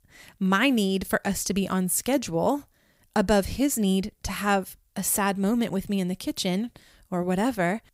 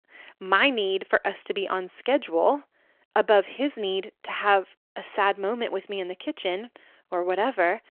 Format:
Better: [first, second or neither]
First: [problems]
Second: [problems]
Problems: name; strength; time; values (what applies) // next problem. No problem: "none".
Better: first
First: none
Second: phone-call audio